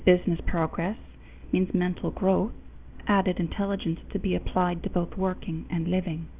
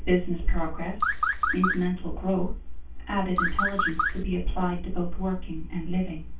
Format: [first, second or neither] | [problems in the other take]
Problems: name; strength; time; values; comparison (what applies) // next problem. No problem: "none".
first | background sound (Car); 2 dB below the speech // room echo; dies away in 0.2 s